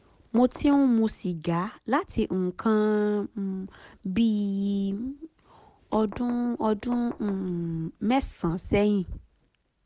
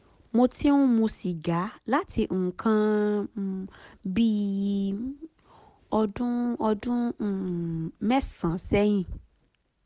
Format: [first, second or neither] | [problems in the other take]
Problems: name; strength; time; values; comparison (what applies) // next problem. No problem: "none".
second | background sound (Knock); 19 dB below the speech